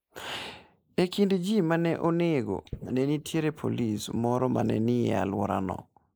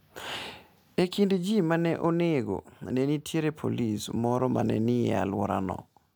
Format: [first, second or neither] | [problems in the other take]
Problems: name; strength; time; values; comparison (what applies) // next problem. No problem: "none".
second | noise reduction (neural mask model Resemble Enhance denoiser)